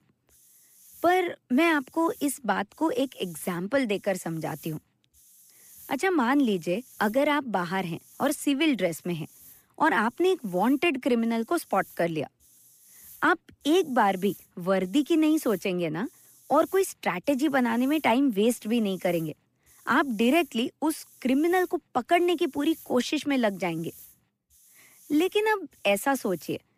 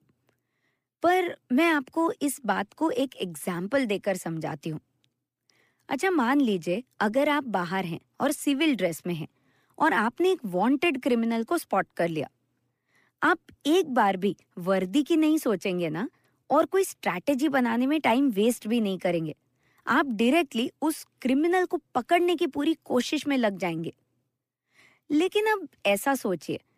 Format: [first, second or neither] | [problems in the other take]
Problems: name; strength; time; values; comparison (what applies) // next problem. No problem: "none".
second | hiss; faint; throughout; 25 dB below the speech